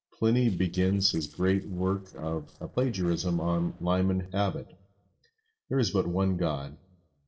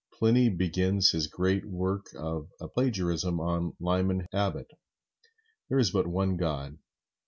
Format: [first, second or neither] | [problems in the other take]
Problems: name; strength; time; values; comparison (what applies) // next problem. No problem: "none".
second | noise reduction (neural separator model SepFormer DNS4)